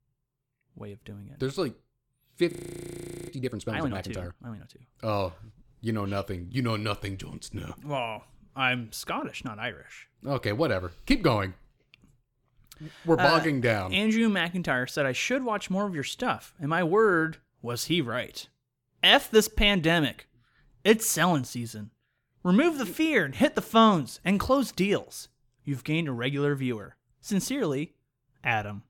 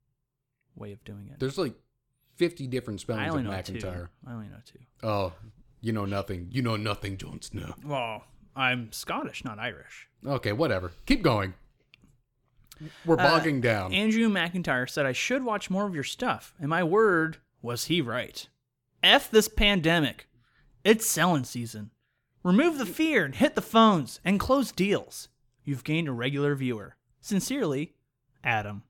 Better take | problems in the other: second | audio freezing; at 2.5 s for 1 s

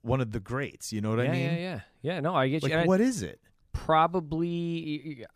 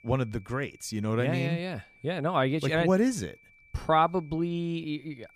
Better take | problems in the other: first | high-pitched whine; faint; throughout; 2.5 kHz, 30 dB below the speech

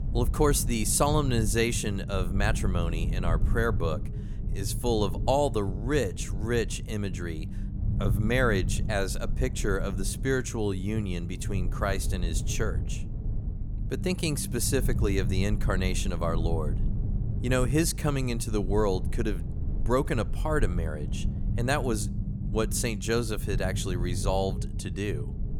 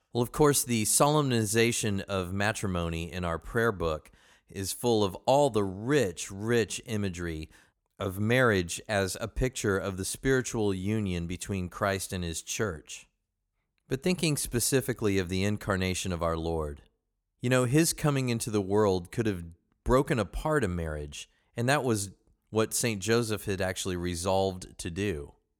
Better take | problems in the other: second | low rumble; noticeable; throughout; 15 dB below the speech

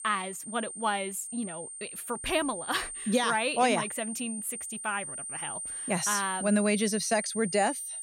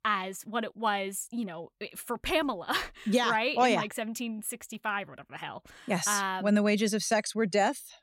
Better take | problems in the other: second | high-pitched whine; loud; throughout; 9 kHz, 6 dB below the speech

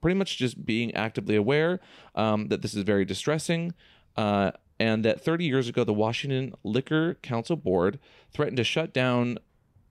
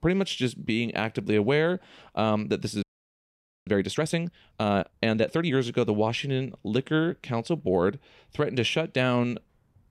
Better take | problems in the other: first | audio freezing; at 3 s for 1 s

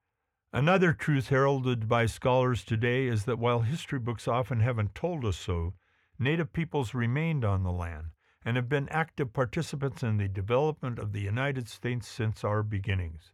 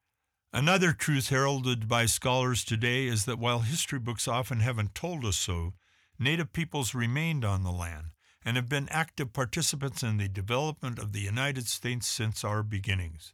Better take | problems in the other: second | muffled; very; fading above 3 kHz

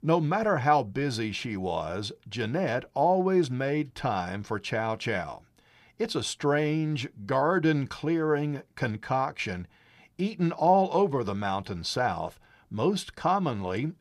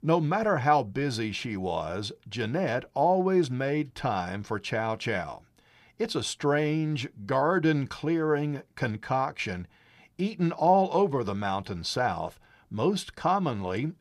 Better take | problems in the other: neither | none

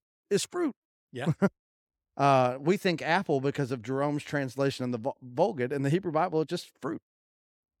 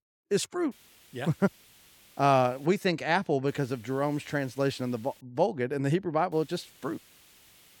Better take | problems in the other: first | hiss; faint; from 0.5 to 2.5 s, from 3.5 to 5 s and from 6.5 s on; 25 dB below the speech

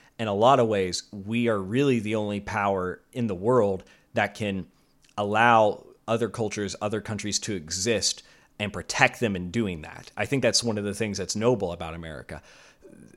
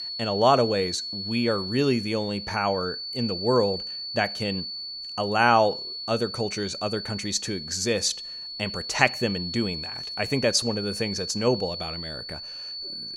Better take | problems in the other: first | high-pitched whine; loud; throughout; 4.5 kHz, 6 dB below the speech

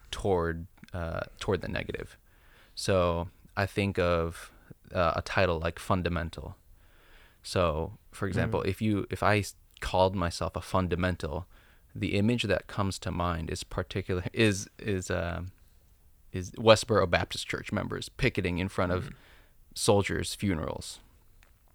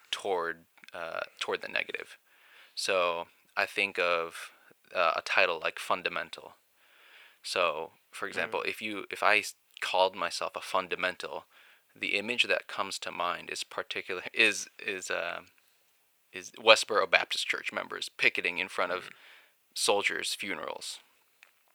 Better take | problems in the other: first | thin; very; fading below 550 Hz

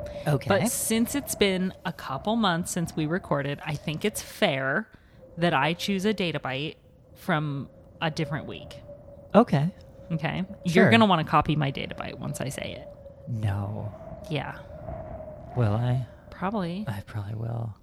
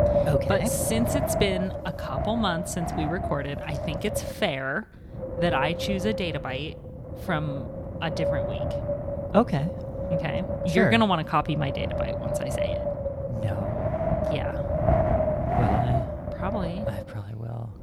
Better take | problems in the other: first | wind noise on the microphone; heavy; 1 dB below the speech; occasional gusts in the first

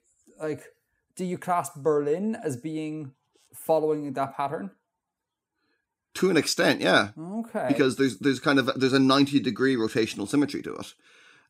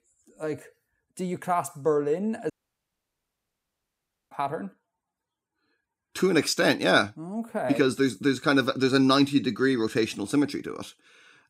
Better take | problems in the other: first | audio cutting out; at 2.5 s for 2 s

